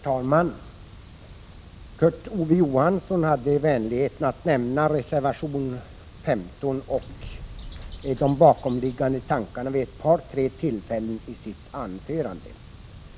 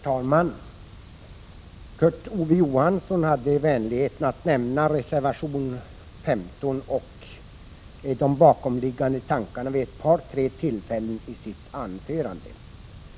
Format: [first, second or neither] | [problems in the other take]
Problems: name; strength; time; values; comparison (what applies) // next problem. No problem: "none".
second | background sound (Bird); 16 dB below the speech